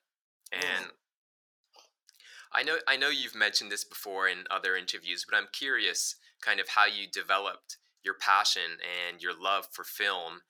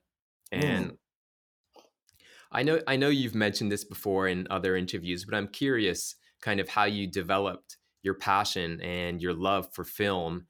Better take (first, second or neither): second